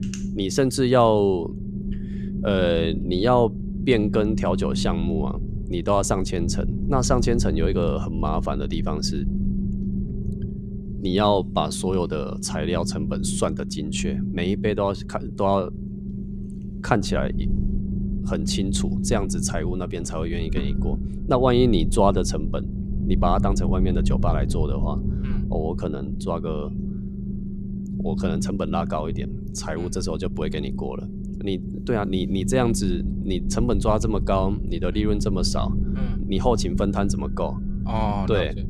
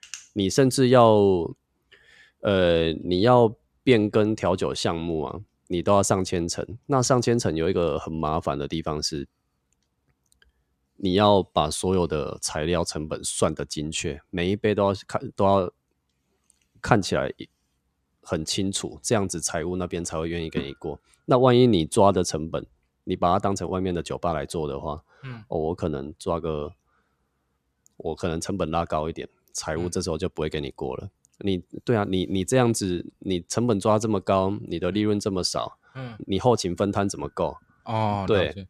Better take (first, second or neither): second